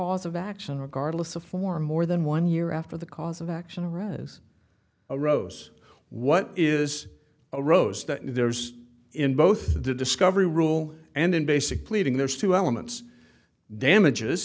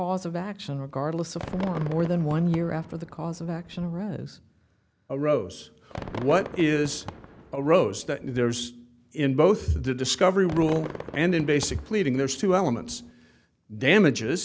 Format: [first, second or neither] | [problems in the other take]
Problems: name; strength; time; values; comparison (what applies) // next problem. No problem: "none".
first | background sound (Fireworks); 17 dB below the speech